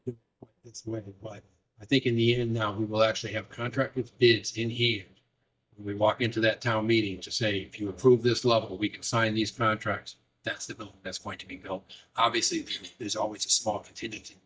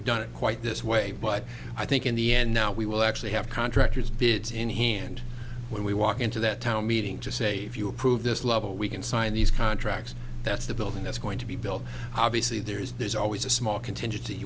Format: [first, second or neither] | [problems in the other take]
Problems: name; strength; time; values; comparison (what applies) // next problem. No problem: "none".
second | noise reduction (neural mask model DeepFilterNet 3)